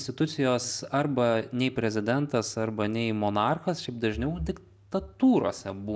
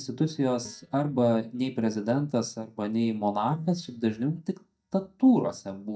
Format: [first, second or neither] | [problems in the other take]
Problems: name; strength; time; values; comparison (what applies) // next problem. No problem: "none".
first | noise reduction (neural mask model DeepFilterNet 3)